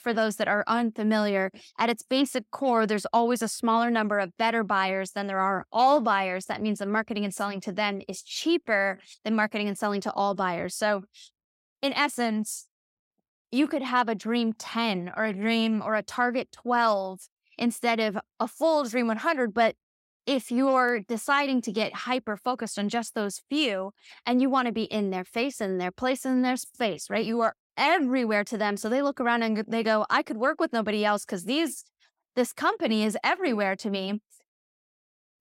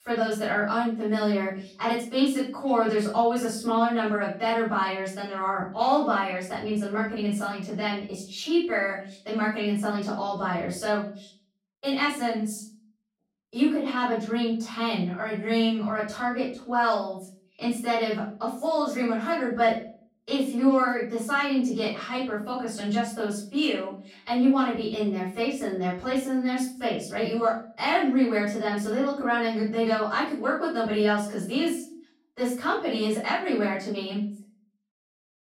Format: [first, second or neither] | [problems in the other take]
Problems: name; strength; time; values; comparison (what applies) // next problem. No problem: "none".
first | off-mic speech; far // room echo; noticeable; dies away in 0.4 s